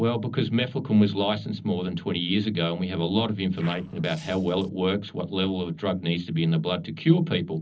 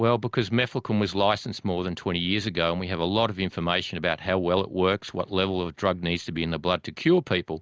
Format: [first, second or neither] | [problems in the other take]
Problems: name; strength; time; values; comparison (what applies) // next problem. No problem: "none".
second | noise reduction (neural separator model SepFormer DNS4)